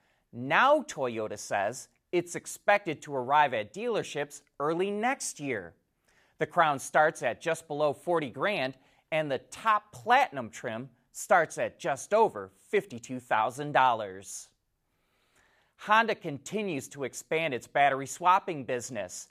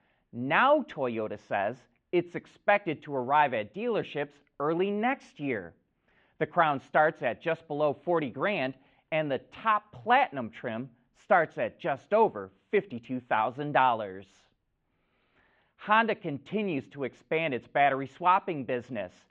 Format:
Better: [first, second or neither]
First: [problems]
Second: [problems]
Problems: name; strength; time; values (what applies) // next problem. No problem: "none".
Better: first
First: none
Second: muffled; very; fading above 3 kHz